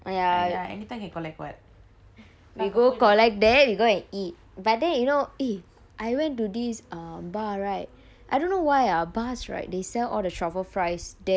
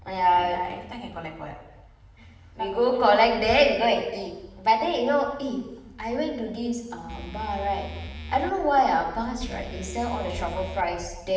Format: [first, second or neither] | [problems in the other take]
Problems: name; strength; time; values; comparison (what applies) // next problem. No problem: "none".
first | background sound (Musical instrument); 11 dB below the speech // room echo; dies away in 1 s